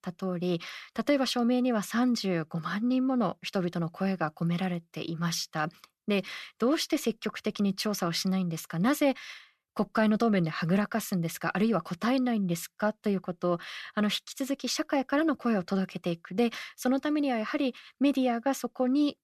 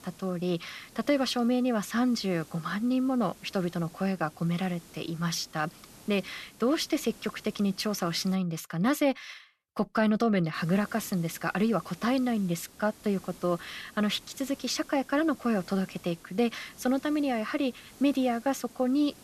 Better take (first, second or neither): first